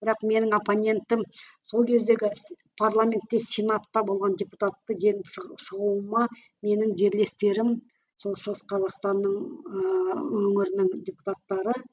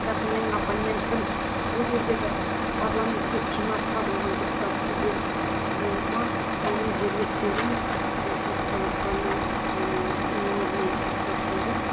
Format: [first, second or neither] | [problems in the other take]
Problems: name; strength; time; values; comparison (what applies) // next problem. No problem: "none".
first | background sound (Truck); 5 dB above the speech